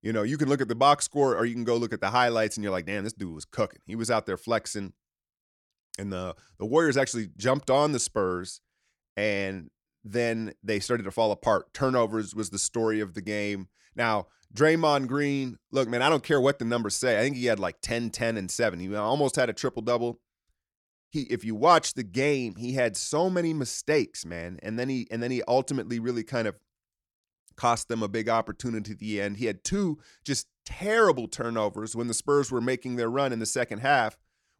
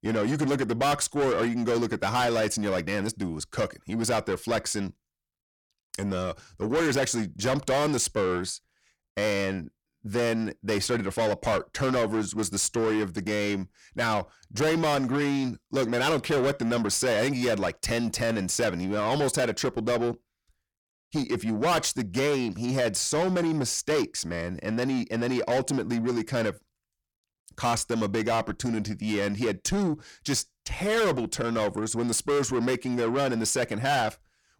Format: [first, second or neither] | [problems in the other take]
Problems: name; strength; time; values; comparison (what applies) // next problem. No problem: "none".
first | distortion; heavy; 6 dB below the speech